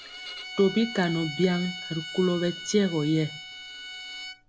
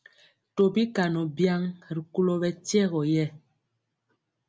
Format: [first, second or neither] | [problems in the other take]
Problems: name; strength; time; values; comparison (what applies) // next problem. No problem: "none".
second | background sound (Bowed string instrument); 11 dB below the speech